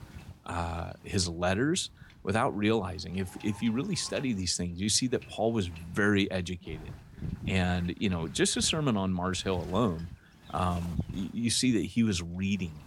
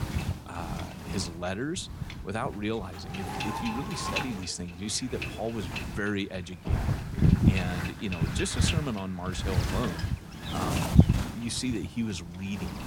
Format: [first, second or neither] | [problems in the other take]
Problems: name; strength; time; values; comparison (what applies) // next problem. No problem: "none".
first | wind noise on the microphone; heavy; as loud as the speech; occasional gusts in the first